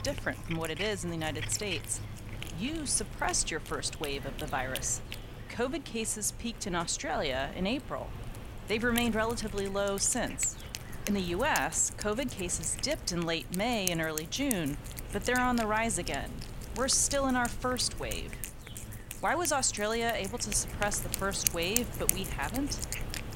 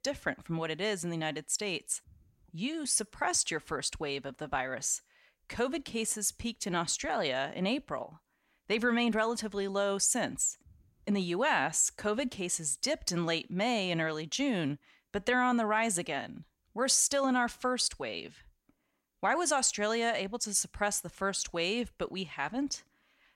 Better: second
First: animal sounds; loud; throughout; 8 dB below the speech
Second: none

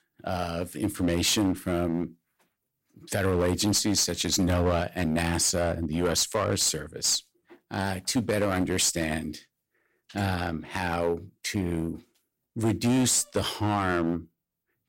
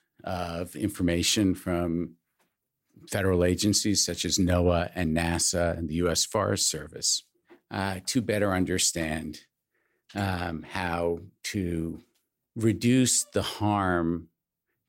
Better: second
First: distortion; slight; 7% of the sound clipped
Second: none

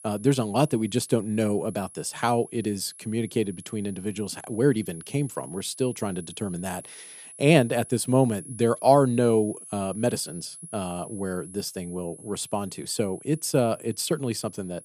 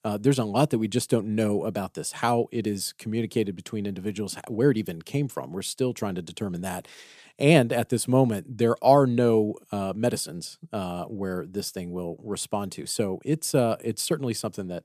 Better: second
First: high-pitched whine; noticeable; throughout; 10.5 kHz, 15 dB below the speech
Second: none

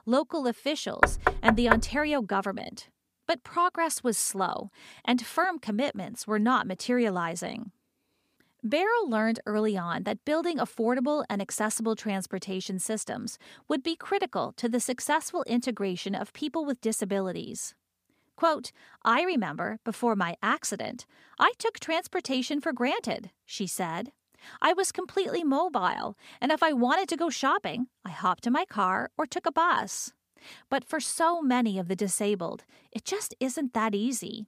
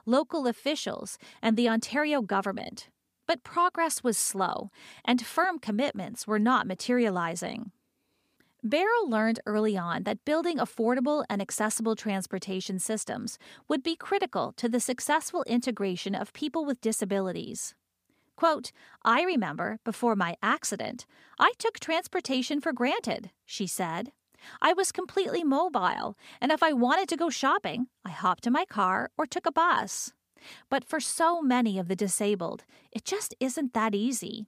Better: second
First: door banging; loud; at 1 s; peak 5 dB above the speech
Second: none

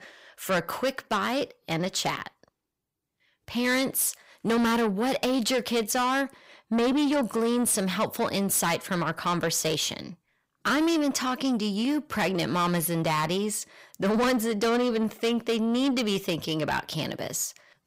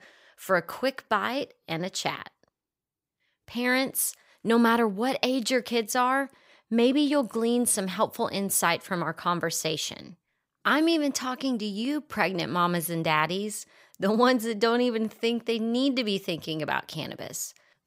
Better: second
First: distortion; heavy; 8 dB below the speech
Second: none

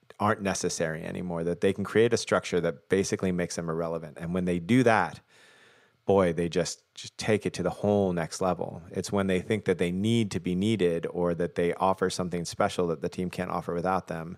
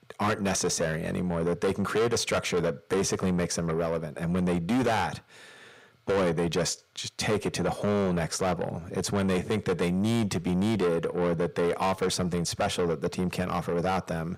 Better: first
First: none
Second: distortion; heavy; 6 dB below the speech

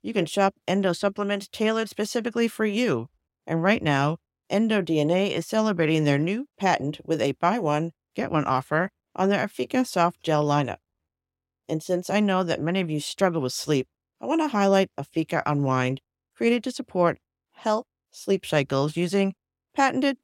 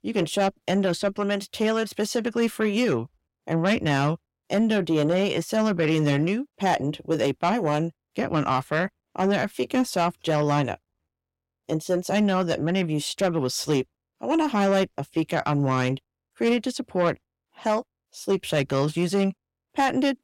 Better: first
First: none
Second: distortion; slight; 10 dB below the speech

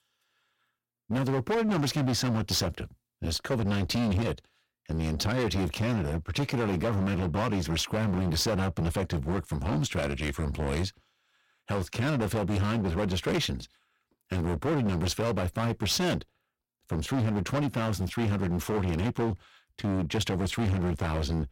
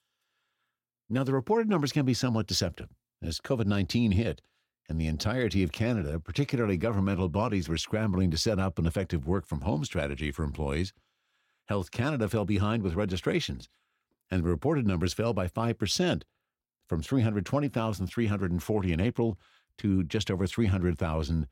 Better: second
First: distortion; heavy; 23% of the sound clipped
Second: none

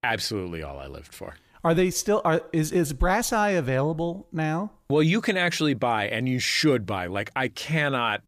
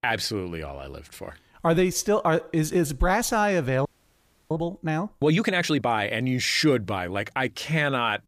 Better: first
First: none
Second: audio freezing; at 4 s for 0.5 s

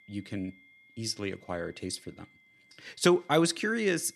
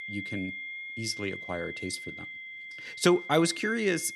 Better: first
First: high-pitched whine; faint; throughout; 2 kHz, 30 dB below the speech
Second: high-pitched whine; loud; throughout; 2 kHz, 9 dB below the speech

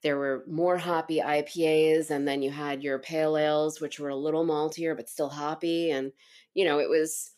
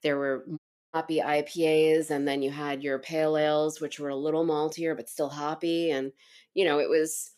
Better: first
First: none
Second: audio cutting out; at 0.5 s

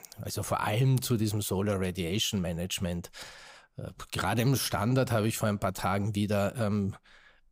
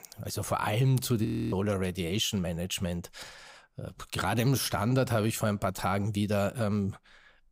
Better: first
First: none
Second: audio freezing; at 1.5 s

